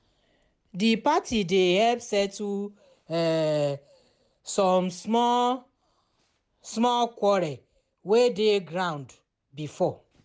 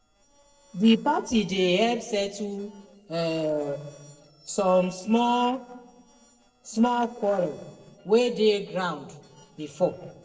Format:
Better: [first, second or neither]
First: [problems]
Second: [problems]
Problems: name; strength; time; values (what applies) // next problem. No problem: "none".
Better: first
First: none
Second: noise reduction (neural separator model SepFormer DNS4)